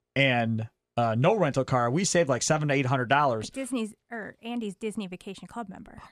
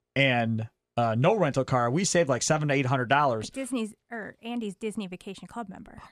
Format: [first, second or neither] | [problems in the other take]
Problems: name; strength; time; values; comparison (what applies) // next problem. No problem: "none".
neither | none